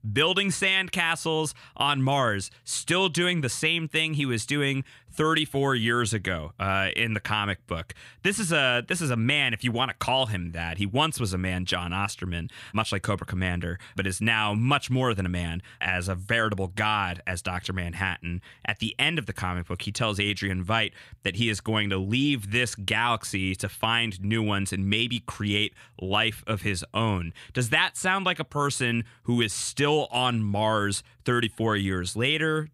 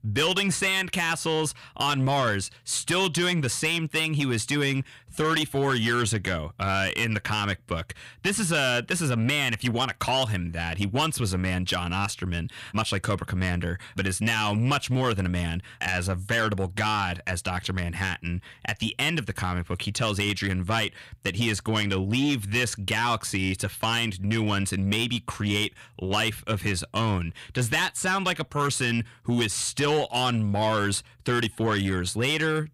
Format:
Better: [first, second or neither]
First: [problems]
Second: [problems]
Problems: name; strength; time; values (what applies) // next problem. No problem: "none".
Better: first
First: none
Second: distortion; slight; 10 dB below the speech